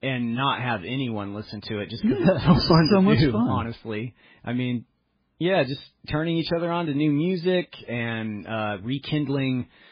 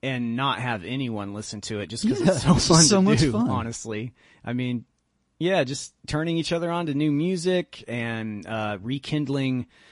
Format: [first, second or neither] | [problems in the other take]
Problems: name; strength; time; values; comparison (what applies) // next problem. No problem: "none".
second | garbled, watery; badly; slightly in the second